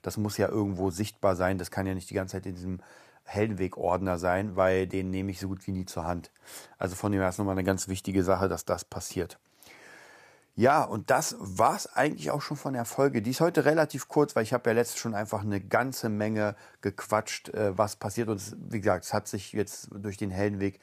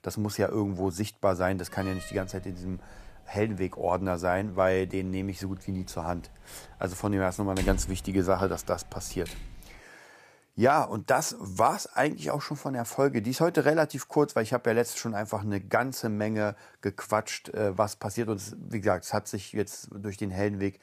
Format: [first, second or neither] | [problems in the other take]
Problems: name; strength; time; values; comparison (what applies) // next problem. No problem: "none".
first | door banging; noticeable; from 2 to 9.5 s; peak 5 dB below the speech